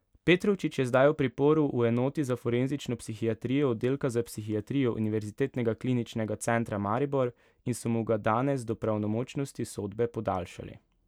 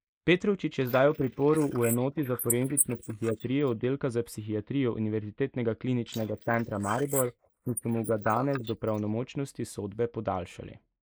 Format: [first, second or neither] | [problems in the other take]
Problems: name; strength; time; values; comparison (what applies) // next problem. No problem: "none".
first | noise reduction (neural mask model Resemble Enhance denoiser)